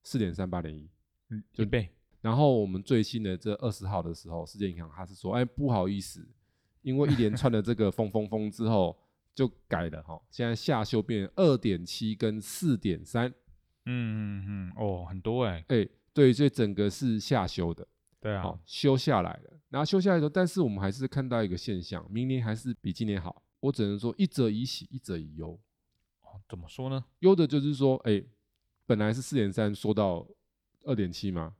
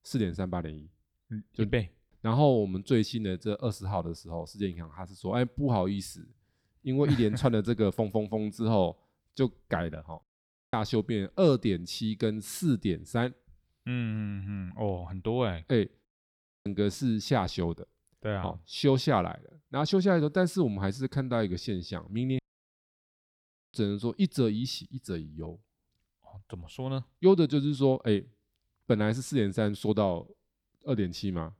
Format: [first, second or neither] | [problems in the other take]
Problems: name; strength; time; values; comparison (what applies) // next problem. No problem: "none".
first | audio cutting out; at 10 s for 0.5 s, at 16 s for 0.5 s and at 22 s for 1.5 s